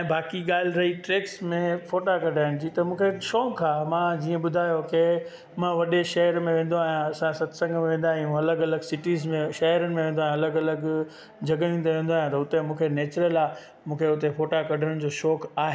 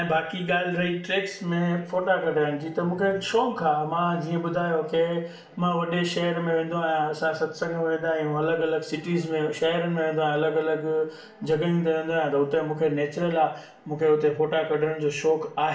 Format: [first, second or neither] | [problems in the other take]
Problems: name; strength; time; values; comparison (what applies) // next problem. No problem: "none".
first | room echo; dies away in 0.4 s